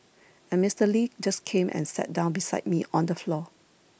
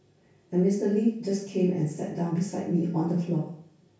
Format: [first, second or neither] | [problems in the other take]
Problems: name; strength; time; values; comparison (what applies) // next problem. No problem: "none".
first | room echo; dies away in 0.6 s